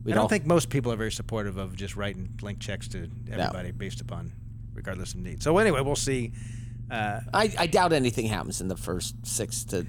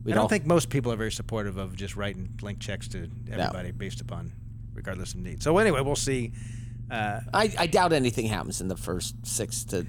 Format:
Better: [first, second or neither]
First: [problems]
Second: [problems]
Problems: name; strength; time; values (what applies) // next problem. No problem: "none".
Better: neither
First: low rumble; faint; throughout; 25 dB below the speech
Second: low rumble; faint; throughout; 25 dB below the speech